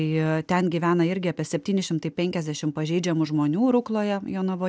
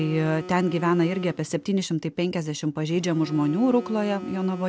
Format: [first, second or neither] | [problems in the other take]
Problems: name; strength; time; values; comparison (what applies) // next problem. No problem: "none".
first | background sound (Telephone); 15 dB below the speech